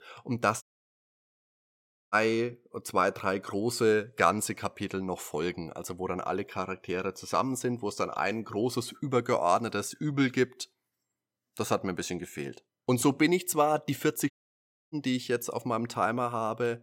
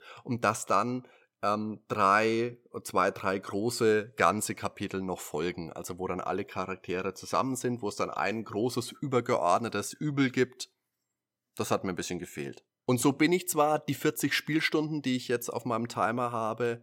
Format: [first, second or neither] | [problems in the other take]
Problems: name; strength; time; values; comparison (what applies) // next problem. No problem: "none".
second | audio cutting out; at 0.5 s for 1.5 s and at 14 s for 0.5 s